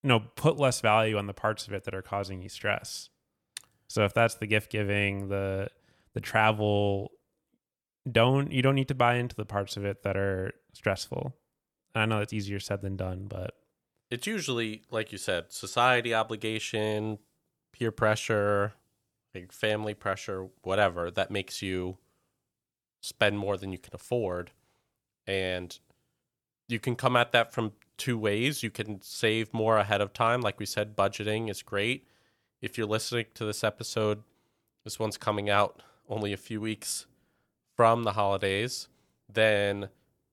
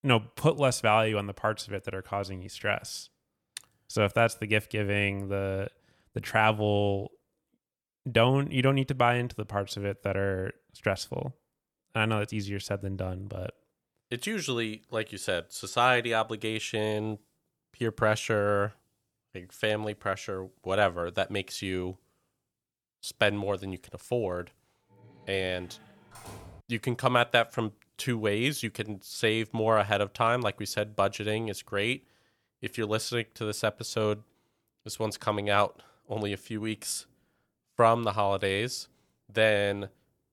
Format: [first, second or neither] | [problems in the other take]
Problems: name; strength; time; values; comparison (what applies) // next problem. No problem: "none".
first | door banging; faint; from 25 to 27 s; peak 15 dB below the speech